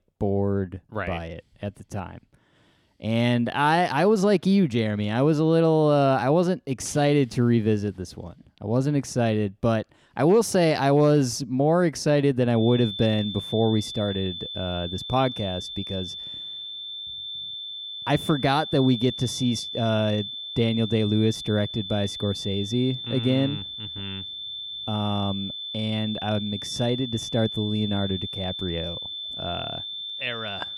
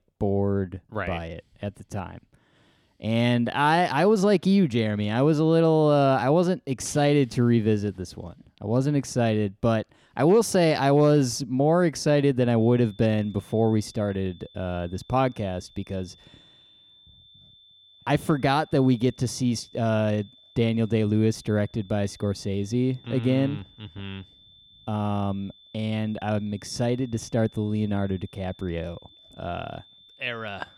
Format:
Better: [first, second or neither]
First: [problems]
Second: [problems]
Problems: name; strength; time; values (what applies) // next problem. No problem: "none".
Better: second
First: high-pitched whine; loud; from 13 s on; 3.5 kHz, 8 dB below the speech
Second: high-pitched whine; faint; from 13 s on; 3.5 kHz, 25 dB below the speech